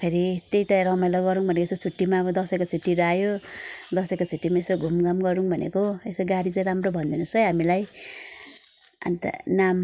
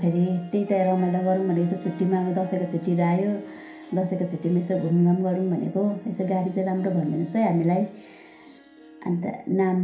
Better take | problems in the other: first | background sound (Harp); 19 dB below the speech // room echo; dies away in 0.5 s

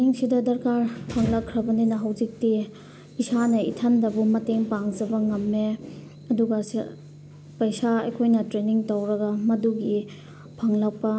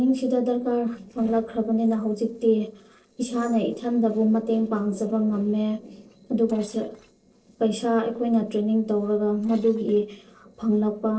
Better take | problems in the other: first | noise reduction (neural separator model SepFormer DNS4)

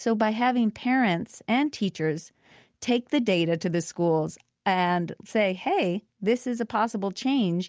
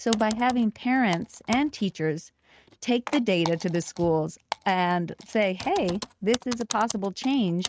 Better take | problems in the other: first | noise reduction (neural mask model RNNoise)

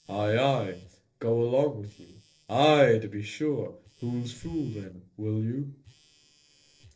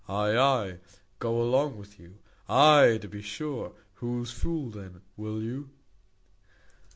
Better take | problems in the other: second | noise reduction (neural separator model SepFormer DNS4)

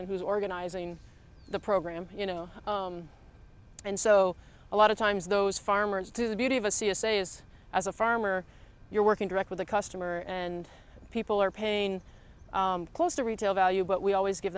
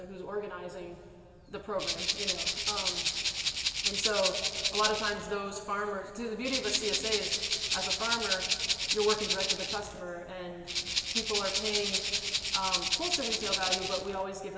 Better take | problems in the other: first | background sound (Rattle (instrument)); 3 dB above the speech // room echo; dies away in 2.6 s

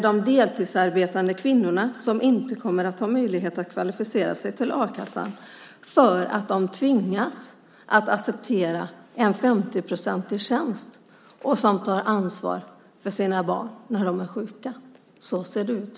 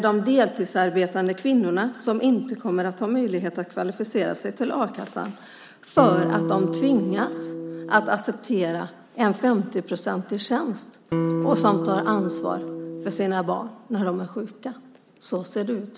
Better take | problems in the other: first | background sound (Electric guitar); 3 dB below the speech

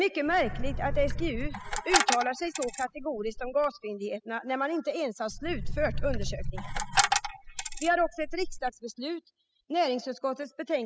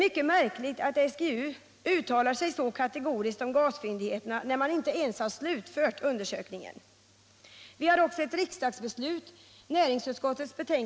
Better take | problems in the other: second | noise reduction (classical method spectral subtraction)

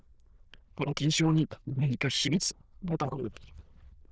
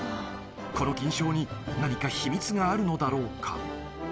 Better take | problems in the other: second | noise reduction (neural diffusion model UNIVERSE++)

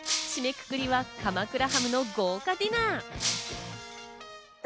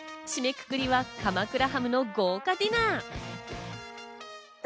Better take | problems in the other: second | background sound (Shatter); 6 dB below the speech

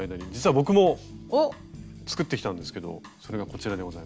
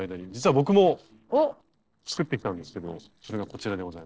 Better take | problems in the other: first | noise reduction (neural separator model SepFormer DNS4)

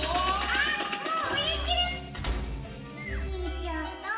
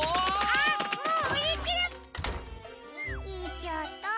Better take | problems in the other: second | background sound (Strum); 12 dB below the speech // room echo; dies away in 0.9 s

